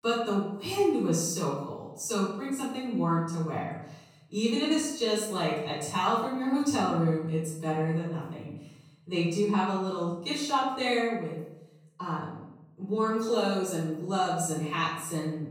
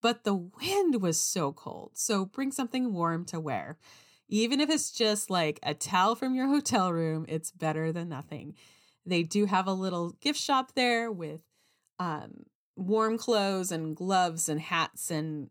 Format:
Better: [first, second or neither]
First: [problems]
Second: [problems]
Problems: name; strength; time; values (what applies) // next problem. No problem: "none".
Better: second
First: off-mic speech; far // room echo; noticeable; dies away in 0.7 s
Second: none